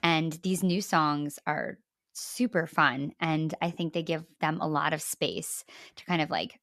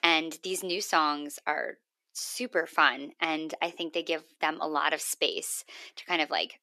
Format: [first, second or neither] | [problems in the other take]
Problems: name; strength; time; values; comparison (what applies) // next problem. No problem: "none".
first | thin; somewhat; fading below 350 Hz